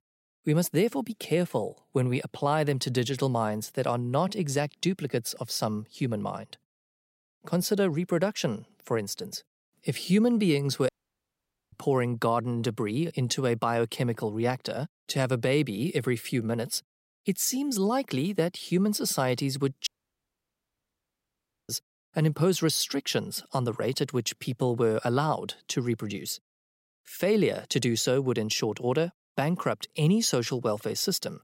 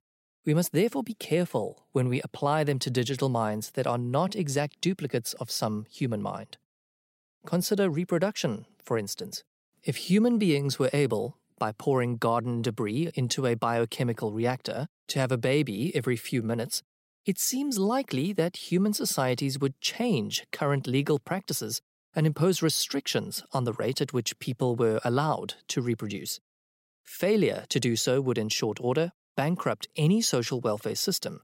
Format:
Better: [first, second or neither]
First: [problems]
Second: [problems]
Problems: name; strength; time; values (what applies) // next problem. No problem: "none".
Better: second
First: audio cutting out; at 11 s for 1 s and at 20 s for 2 s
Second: none